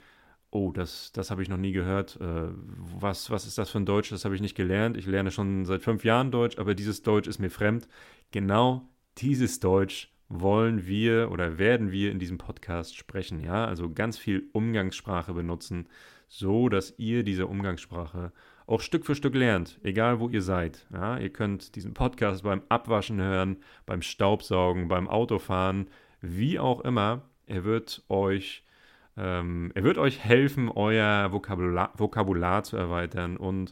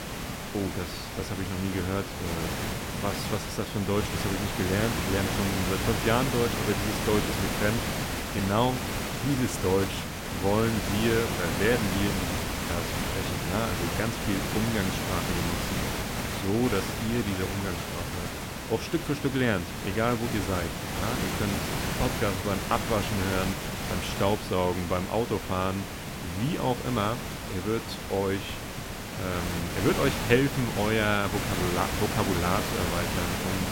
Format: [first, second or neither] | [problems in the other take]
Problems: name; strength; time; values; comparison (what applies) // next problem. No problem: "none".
first | hiss; loud; throughout; 2 dB below the speech